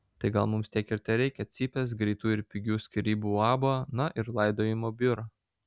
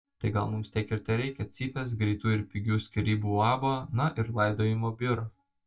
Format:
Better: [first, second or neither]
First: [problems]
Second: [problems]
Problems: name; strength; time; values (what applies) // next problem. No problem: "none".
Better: first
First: none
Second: noise reduction (neural mask model DeepFilterNet 3)